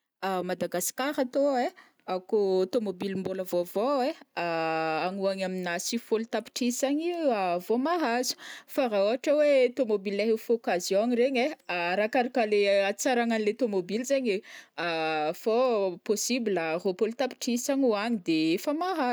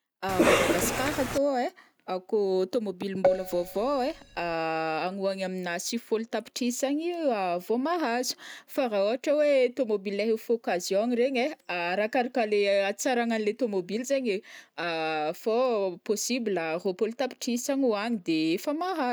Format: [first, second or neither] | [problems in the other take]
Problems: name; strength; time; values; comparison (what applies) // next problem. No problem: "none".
first | background sound (Keyboard (musical) + Cough); 1 dB above the speech